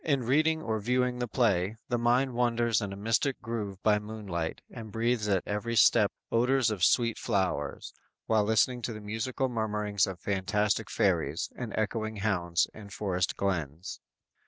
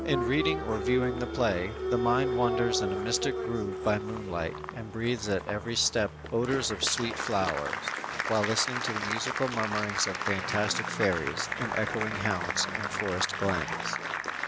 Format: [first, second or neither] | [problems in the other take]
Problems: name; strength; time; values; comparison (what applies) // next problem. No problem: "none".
first | background sound (Applause); 2 dB below the speech